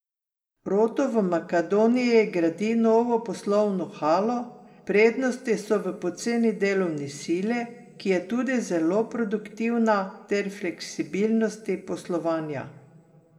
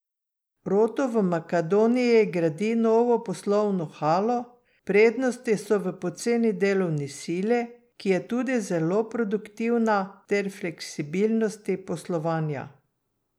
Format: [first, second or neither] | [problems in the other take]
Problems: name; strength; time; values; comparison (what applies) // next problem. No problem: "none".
second | room echo; dies away in 1.8 s